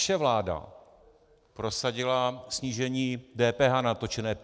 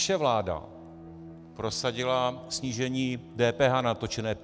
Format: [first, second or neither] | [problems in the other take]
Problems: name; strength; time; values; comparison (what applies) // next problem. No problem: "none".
first | background sound (Bowed string instrument); 18 dB below the speech